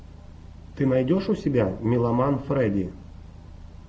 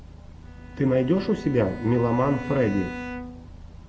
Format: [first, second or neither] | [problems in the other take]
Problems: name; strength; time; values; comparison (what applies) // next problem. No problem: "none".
first | background sound (Bowed string instrument); 13 dB below the speech